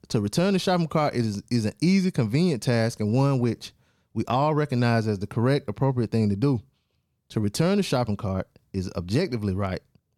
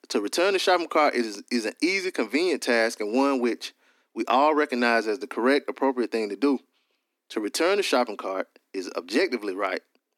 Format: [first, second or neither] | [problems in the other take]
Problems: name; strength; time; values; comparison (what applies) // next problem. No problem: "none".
first | thin; somewhat; fading below 250 Hz